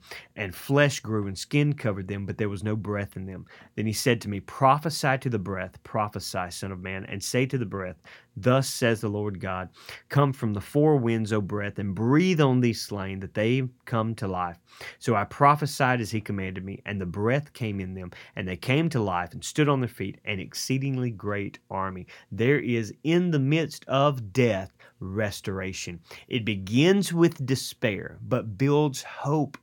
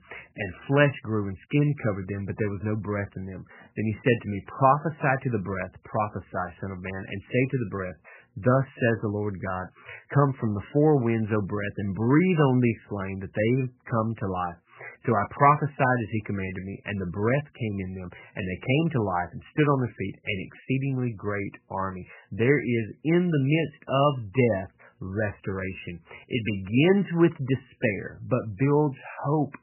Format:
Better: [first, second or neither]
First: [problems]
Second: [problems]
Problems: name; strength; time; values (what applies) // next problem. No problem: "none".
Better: first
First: none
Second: garbled, watery; badly; nothing above 3 kHz